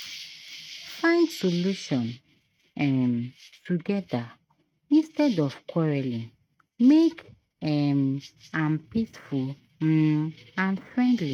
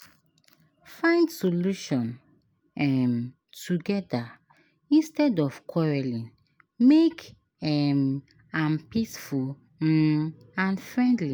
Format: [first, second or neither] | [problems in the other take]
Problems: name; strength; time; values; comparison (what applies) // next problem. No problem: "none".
second | noise reduction (neural mask model RNNoise)